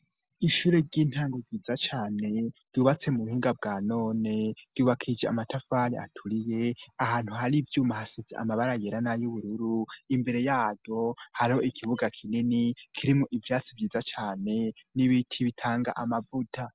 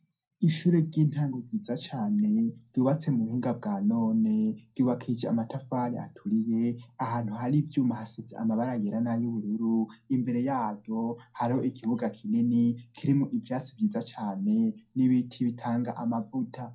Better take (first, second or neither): first